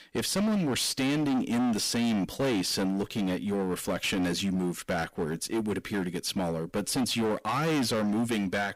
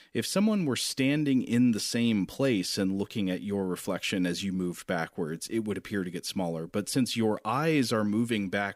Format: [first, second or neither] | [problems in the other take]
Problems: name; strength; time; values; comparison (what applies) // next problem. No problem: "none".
second | distortion; heavy; 23% of the sound clipped